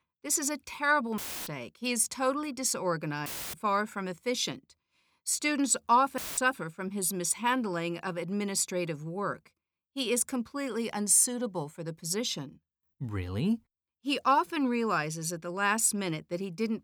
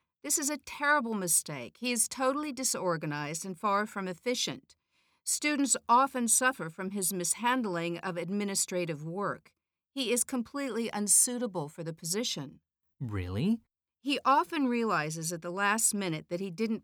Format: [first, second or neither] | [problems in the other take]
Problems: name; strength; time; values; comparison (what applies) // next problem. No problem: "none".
second | audio cutting out; filled with static; at 1 s, at 3.5 s and at 6 s